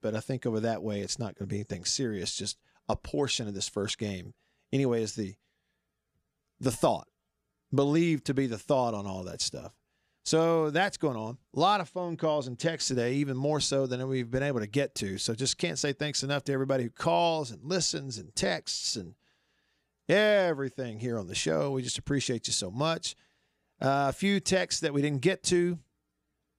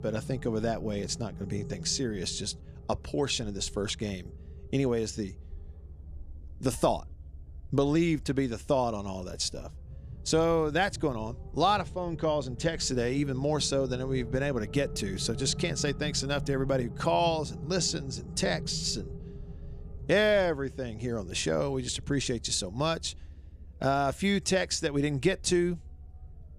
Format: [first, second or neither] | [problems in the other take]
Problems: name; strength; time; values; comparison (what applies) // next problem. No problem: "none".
first | low rumble; faint; throughout; 20 dB below the speech